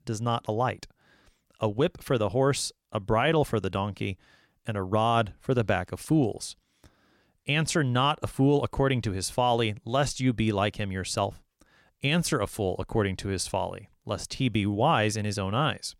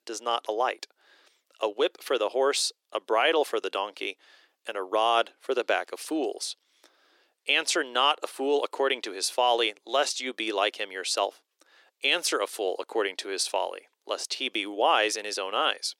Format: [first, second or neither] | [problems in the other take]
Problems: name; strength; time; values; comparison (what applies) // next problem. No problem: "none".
first | thin; very; fading below 350 Hz